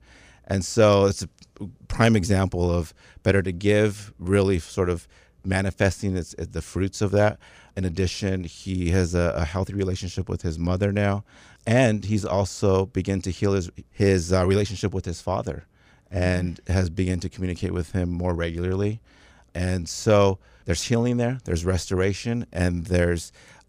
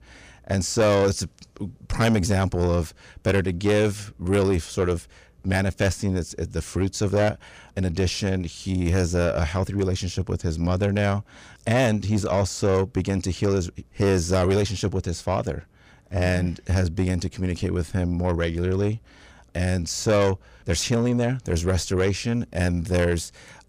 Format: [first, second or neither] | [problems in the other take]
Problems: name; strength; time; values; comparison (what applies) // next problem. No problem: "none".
first | distortion; slight; 10 dB below the speech